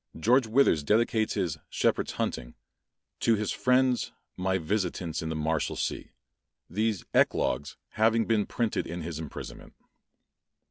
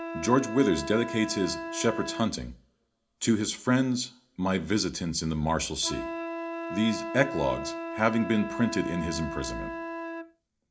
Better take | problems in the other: first | background sound (Wind instrument, woodwind instrument); 9 dB below the speech // room echo; dies away in 0.4 s

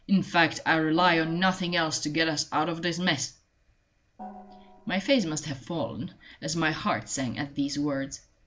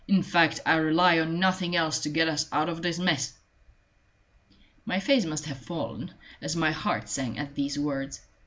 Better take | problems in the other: second | noise reduction (neural separator model SepFormer DNS4)

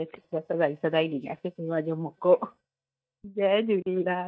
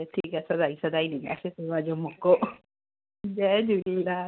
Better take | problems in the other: second | noise reduction (neural mask model DeepFilterNet 3)

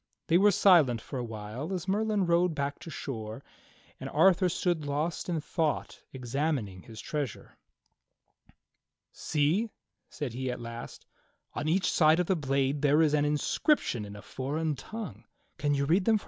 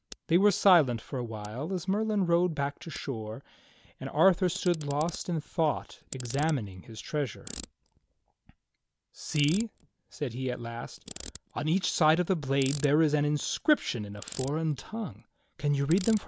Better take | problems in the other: first | background sound (Ratchet, pawl); 19 dB below the speech

